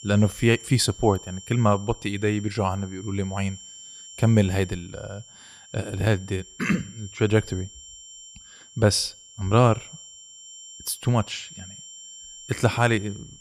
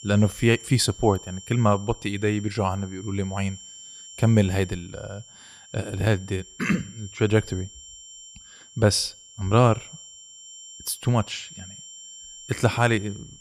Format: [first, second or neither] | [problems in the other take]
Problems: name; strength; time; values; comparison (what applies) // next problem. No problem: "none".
neither | high-pitched whine; noticeable; throughout; 7.5 kHz, 20 dB below the speech; the same in both